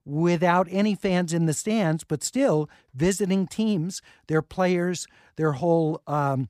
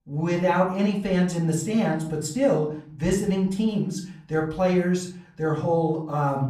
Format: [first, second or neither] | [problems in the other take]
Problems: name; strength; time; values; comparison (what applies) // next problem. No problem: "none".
first | off-mic speech; far // room echo; slight; dies away in 0.5 s